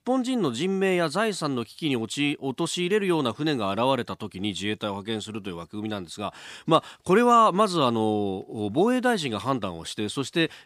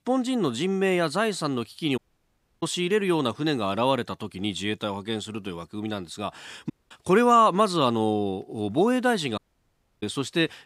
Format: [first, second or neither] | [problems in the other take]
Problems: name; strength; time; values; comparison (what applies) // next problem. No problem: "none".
first | audio cutting out; at 2 s for 0.5 s, at 6.5 s and at 9.5 s for 0.5 s